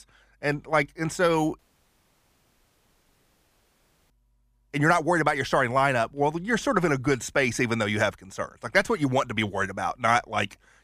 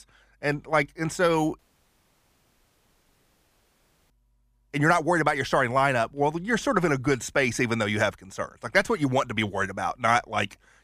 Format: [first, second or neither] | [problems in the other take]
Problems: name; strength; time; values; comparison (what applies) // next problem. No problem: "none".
neither | audio cutting out; at 1.5 s for 2.5 s; the same in both